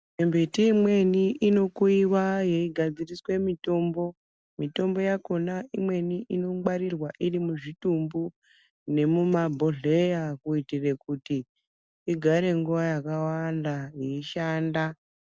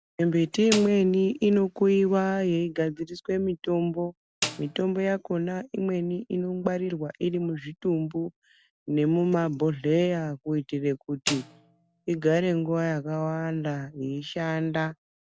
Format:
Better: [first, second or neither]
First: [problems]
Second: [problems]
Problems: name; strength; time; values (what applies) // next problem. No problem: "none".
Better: first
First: none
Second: background sound (Snare drum); 11 dB below the speech